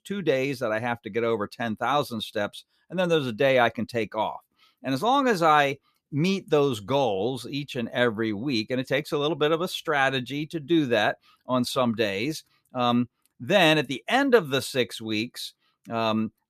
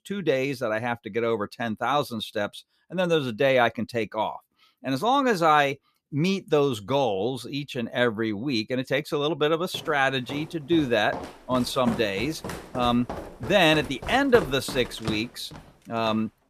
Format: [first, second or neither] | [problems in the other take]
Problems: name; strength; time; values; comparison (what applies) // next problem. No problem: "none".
first | footsteps; noticeable; from 9.5 s on; peak 8 dB below the speech